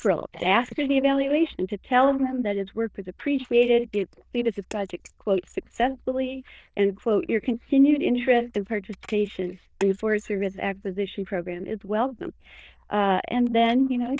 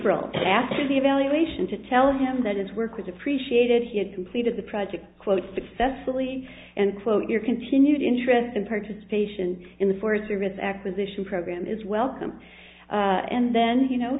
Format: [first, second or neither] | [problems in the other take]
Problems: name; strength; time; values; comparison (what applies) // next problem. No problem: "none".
second | noise reduction (neural diffusion model UNIVERSE++)